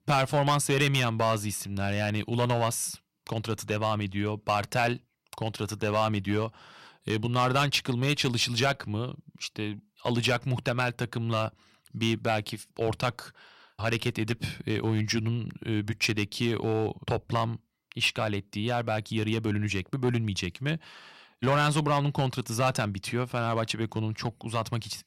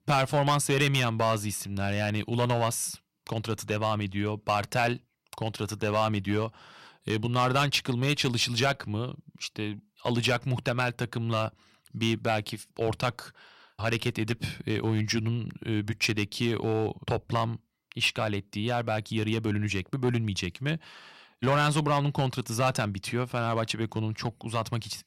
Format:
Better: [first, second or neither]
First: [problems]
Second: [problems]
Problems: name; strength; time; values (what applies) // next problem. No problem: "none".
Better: neither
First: distortion; slight; 2% of the sound clipped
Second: distortion; slight; 2% of the sound clipped